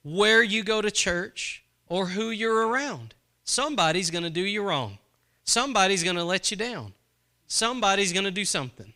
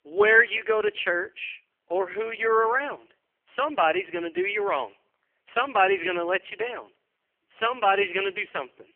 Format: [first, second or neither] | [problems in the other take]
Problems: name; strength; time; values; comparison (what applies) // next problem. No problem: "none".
first | phone-call audio; poor line; nothing above 3 kHz